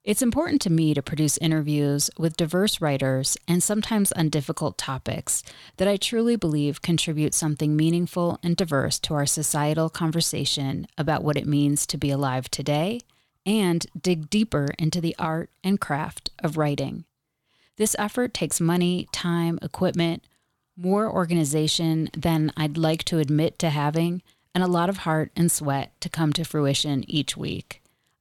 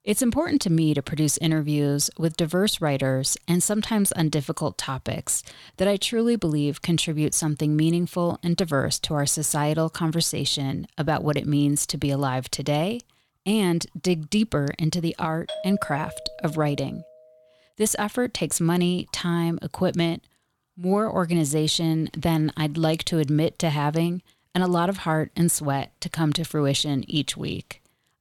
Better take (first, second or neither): first